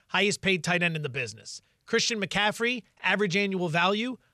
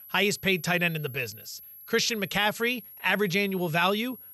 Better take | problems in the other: first | high-pitched whine; noticeable; throughout; 11.5 kHz, 20 dB below the speech

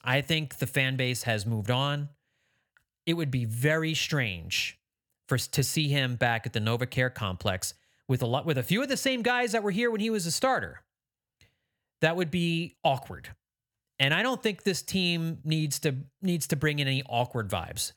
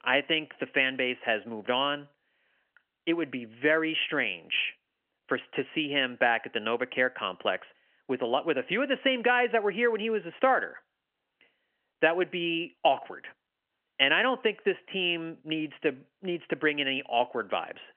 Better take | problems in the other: first | phone-call audio; nothing above 3 kHz

